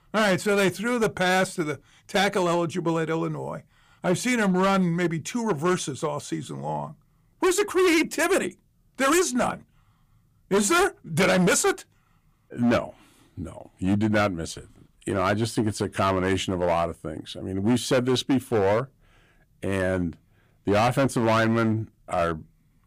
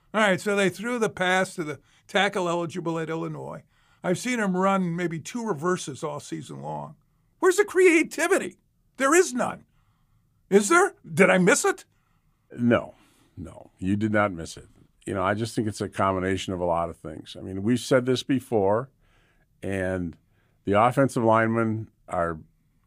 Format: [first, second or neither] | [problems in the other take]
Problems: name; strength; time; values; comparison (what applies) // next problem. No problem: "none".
second | distortion; heavy; 9% of the sound clipped